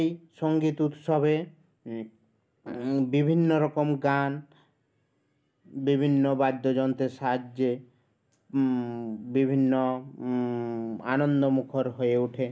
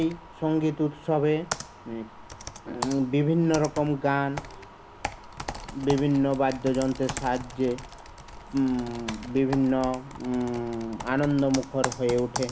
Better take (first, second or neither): first